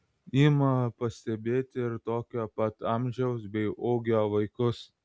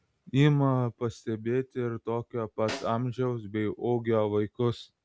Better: first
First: none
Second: background sound (Snare drum); 15 dB below the speech

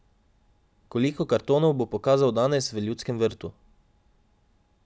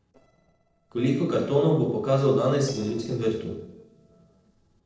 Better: first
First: none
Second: noise reduction (neural separator model SepFormer DNS4)

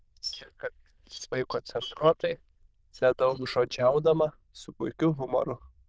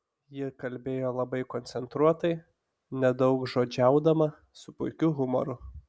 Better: second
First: noise reduction (neural diffusion model UNIVERSE++)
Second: none

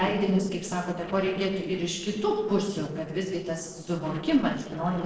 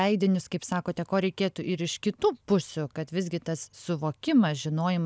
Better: second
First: noise reduction (neural separator model SepFormer DNS4)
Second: none

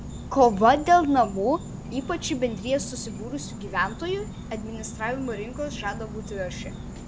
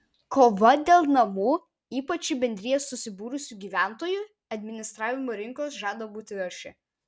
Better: second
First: background sound (Insect); 11 dB below the speech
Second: none

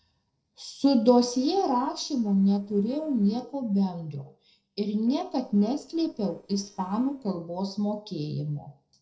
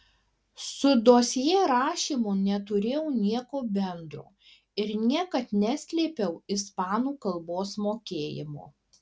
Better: second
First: noise reduction (neural separator model SepFormer DNS4)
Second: none

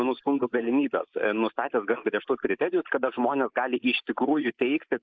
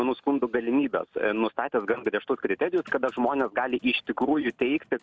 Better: second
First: noise reduction (neural mask model Resemble Enhance denoiser)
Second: none

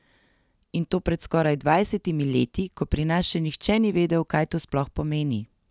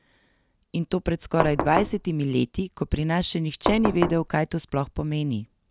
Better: first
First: none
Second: background sound (Knock); 3 dB below the speech

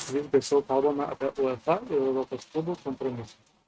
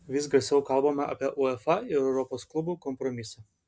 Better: second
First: noise reduction (neural mask model RNNoise)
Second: none

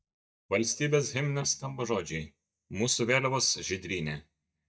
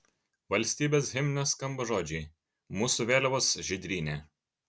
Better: second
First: noise reduction (neural mask model DeepFilterNet 3)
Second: none

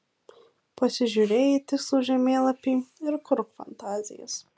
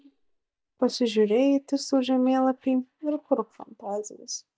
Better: first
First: none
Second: noise reduction (neural mask model DeepFilterNet 3)

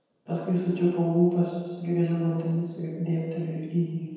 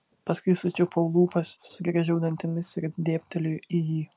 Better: second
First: room echo; dies away in 1.2 s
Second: none

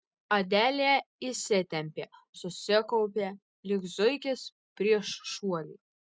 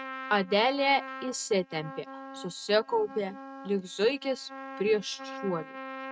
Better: first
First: none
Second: noise reduction (neural mask model RNNoise)

